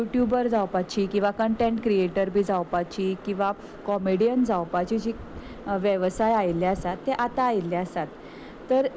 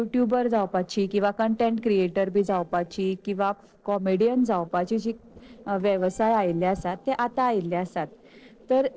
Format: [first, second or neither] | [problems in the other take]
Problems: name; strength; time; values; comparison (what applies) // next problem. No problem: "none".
first | noise reduction (neural separator model SepFormer DNS4)